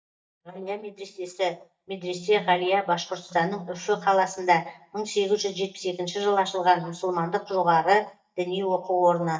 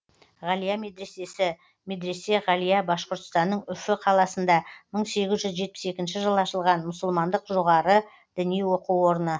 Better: second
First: noise reduction (neural mask model DeepFilterNet 3)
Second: none

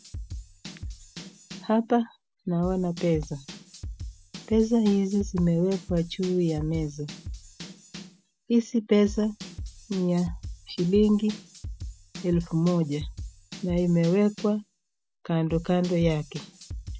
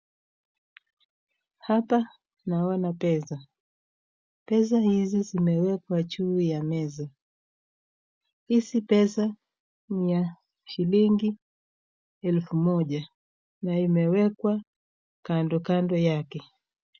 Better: second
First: background sound (Drum / Drum kit); 13 dB below the speech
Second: none

